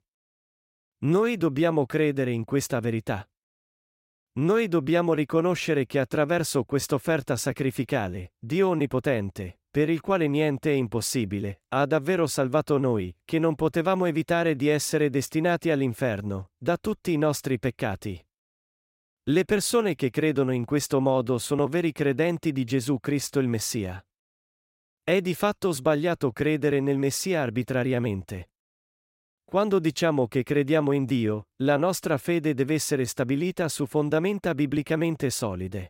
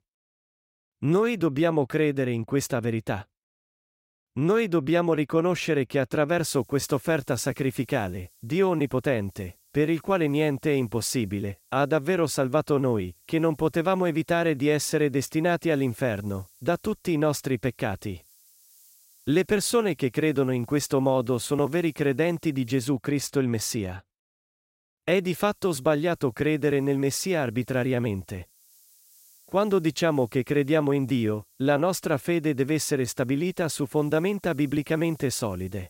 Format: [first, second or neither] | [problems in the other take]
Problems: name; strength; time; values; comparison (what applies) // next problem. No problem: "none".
first | hiss; faint; from 6.5 to 23 s and from 25 s on; 30 dB below the speech